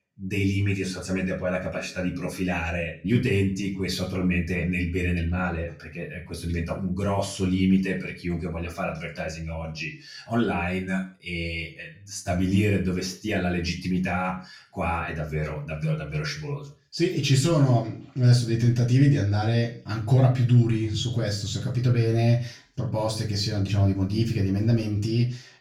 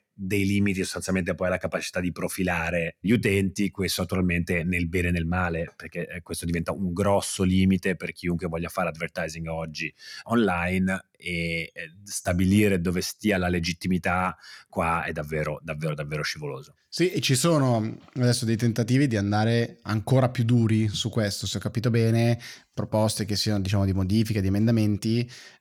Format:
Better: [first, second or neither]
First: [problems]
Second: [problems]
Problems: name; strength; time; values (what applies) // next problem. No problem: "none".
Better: second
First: room echo; slight; dies away in 0.4 s // off-mic speech; far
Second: none